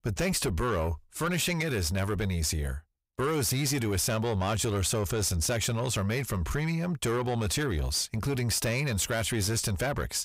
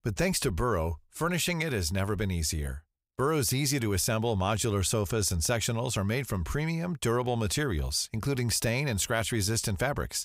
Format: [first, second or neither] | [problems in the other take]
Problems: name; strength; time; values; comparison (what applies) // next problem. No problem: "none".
second | distortion; slight; 10 dB below the speech